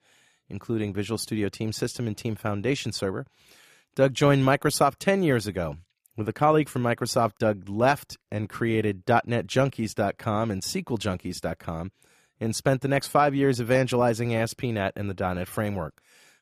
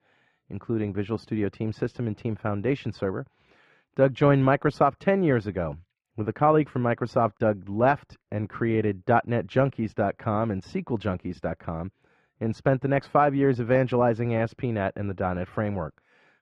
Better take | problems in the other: first | muffled; very; fading above 2 kHz

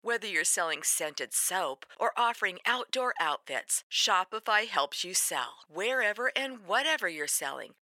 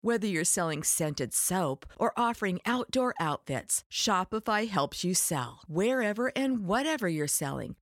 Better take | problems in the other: second | thin; very; fading below 650 Hz

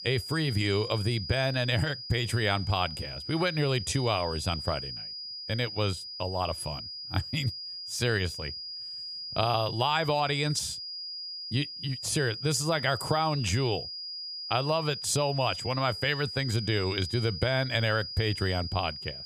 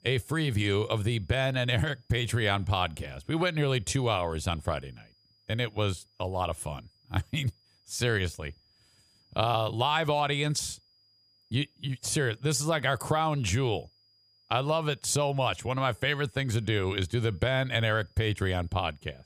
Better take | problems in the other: second | high-pitched whine; loud; throughout; 5 kHz, 7 dB below the speech; faint in the second

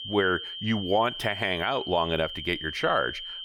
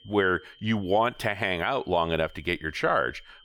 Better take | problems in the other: second | high-pitched whine; loud; throughout; 3 kHz, 8 dB below the speech; faint in the second

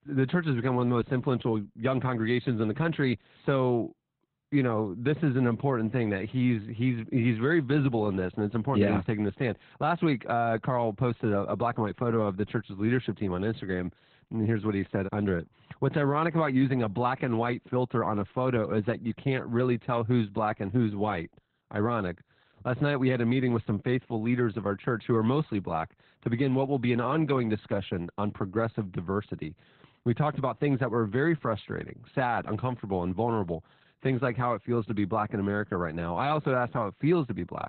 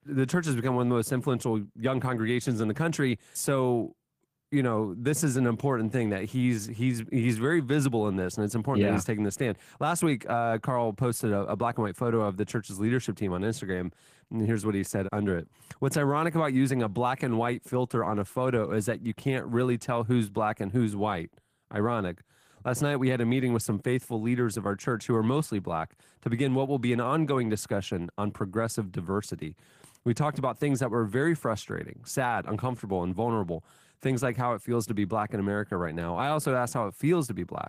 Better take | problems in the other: second | garbled, watery; badly; nothing above 4 kHz; slightly in the second

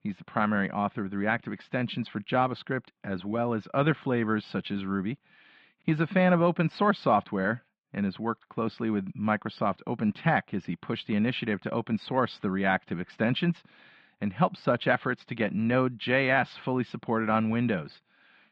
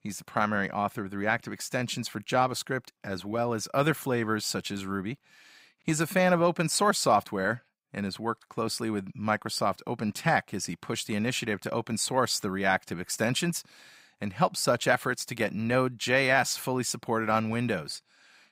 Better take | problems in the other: second | muffled; very; fading above 3.5 kHz

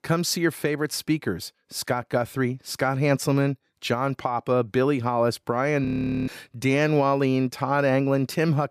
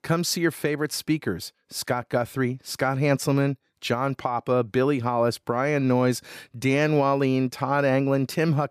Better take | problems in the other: second | audio freezing; at 6 s

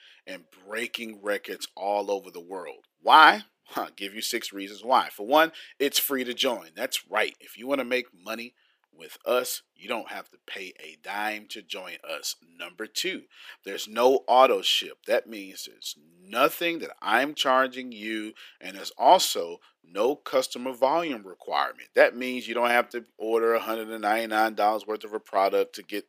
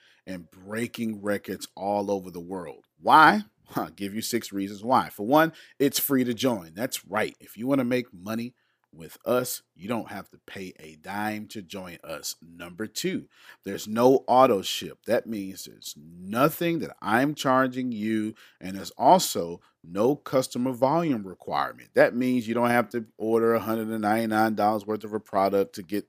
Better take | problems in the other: second | thin; somewhat; fading below 450 Hz

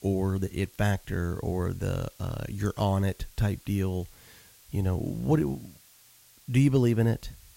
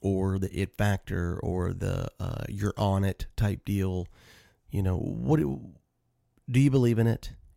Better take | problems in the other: second | hiss; faint; throughout; 25 dB below the speech

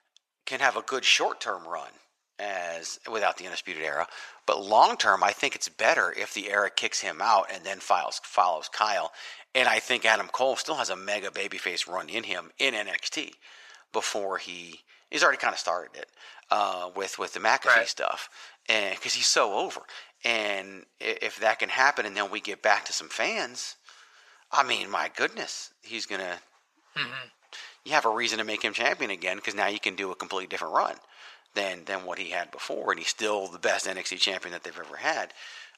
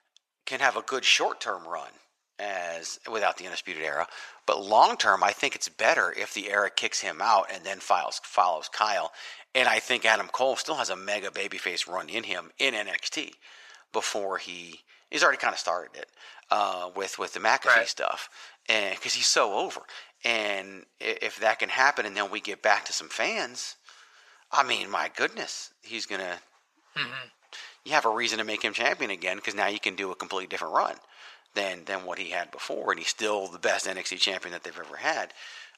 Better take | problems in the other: neither | thin; very; fading below 850 Hz; the same in both

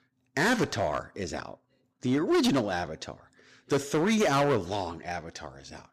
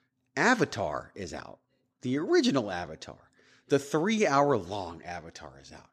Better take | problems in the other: second | distortion; heavy; 7% of the sound clipped

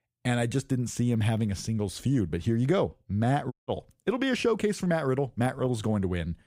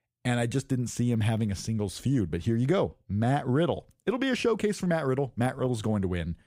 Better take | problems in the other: second | audio cutting out; at 3.5 s

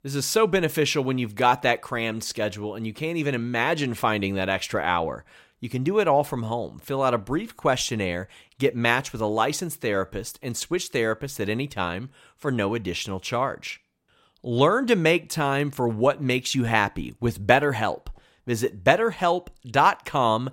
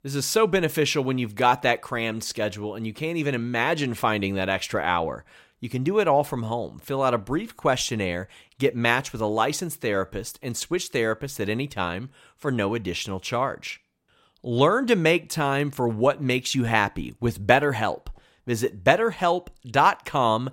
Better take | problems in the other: neither | none

